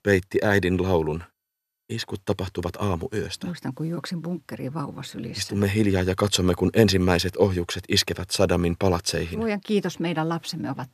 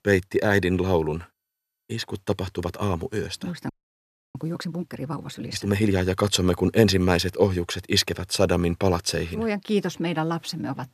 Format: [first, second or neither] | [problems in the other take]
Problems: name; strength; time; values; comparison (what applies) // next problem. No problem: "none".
first | audio freezing; at 3.5 s for 0.5 s